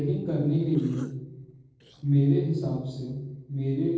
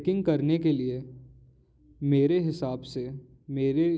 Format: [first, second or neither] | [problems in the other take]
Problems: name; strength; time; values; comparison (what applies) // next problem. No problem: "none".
second | noise reduction (neural separator model SepFormer DNS4)